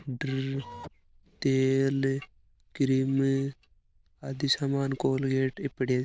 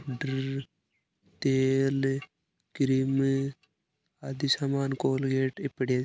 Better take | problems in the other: second | noise reduction (neural diffusion model UNIVERSE++)

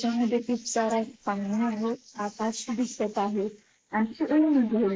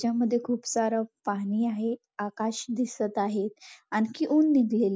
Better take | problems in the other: second | noise reduction (neural mask model Resemble Enhance denoiser)

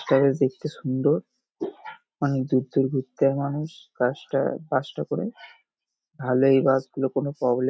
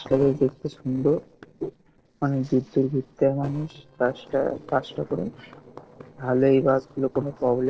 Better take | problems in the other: first | noise reduction (neural separator model SepFormer DNS4)

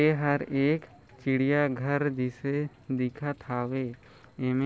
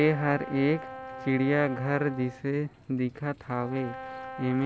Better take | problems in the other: first | background sound (Brass instrument); 13 dB below the speech

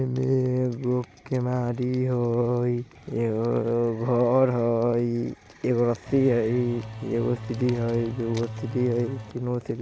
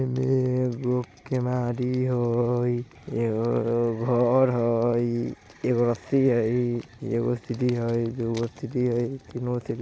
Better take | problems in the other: second | background sound (Engine / Domestic sounds, home sounds); 11 dB below the speech

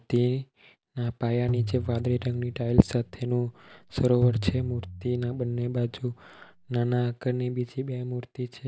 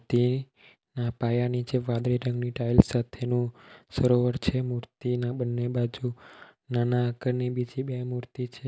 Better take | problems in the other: second | background sound (Tabla); 7 dB below the speech

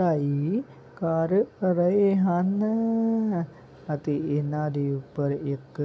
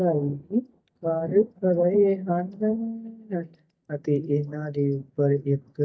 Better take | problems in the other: first | noise reduction (neural mask model DeepFilterNet 3)

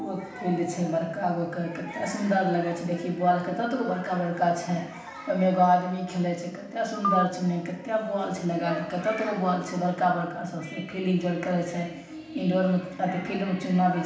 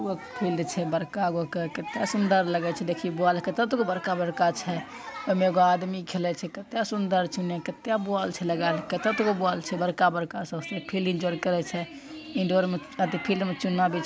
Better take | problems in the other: second | background sound (Telephone); 5 dB below the speech // room echo; dies away in 0.9 s

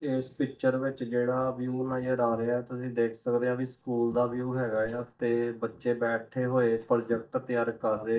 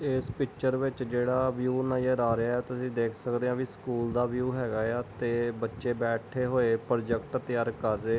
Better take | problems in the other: second | noise reduction (neural mask model DeepFilterNet 3)

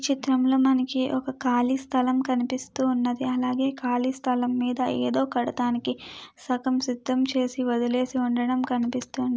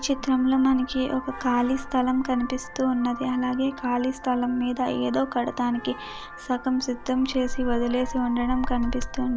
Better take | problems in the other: first | background sound (Vehicle horn, car horn, honking); 9 dB below the speech

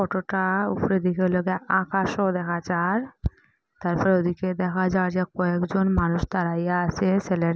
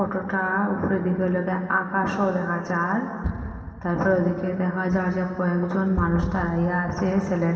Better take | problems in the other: first | room echo; dies away in 2.4 s

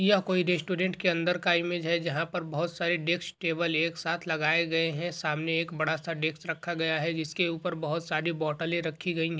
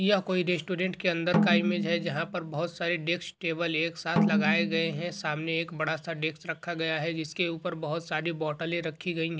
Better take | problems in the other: first | background sound (Snare drum); 1 dB below the speech

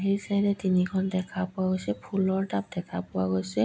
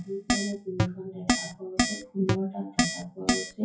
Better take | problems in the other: first | noise reduction (classical method WPE with log-MMSE)

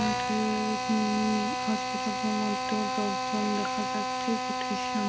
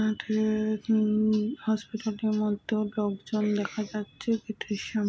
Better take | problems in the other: second | background sound (Drill); 1 dB above the speech

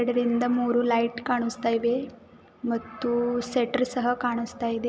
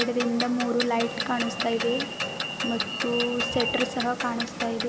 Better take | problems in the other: first | background sound (Alarm + Clock); 3 dB below the speech

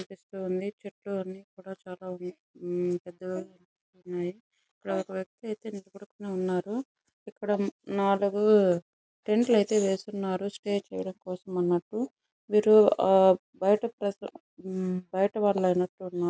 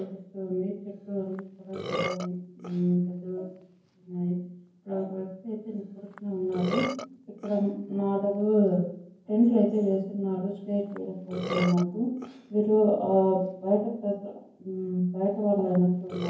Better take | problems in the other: first | background sound (Burping, eructation); 13 dB below the speech // room echo; dies away in 0.9 s

